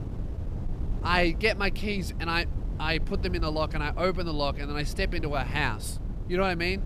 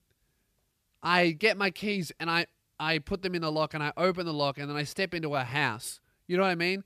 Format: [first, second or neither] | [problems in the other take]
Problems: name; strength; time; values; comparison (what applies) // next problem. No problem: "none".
second | wind noise on the microphone; occasional gusts; 20 dB below the speech